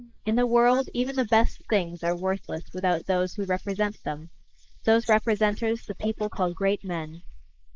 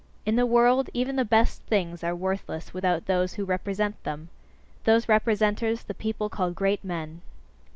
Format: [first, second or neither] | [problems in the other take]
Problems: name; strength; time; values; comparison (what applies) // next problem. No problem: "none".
second | noise reduction (neural mask model Resemble Enhance denoiser)